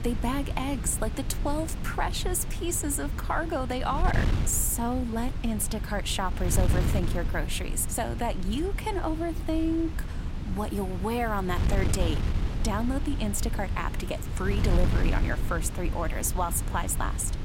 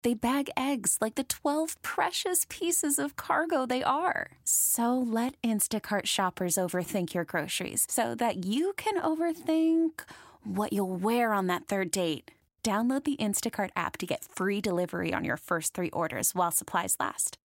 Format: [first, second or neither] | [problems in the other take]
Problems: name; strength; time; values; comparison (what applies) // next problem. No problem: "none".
second | wind noise on the microphone; heavy; 10 dB below the speech